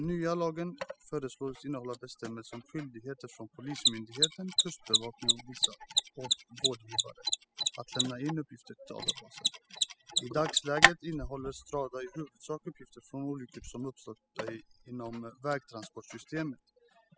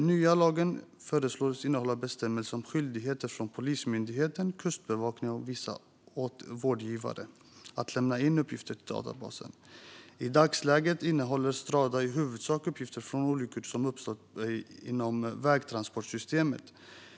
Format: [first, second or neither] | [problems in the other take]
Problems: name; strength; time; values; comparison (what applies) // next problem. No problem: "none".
second | noise reduction (classical method spectral subtraction)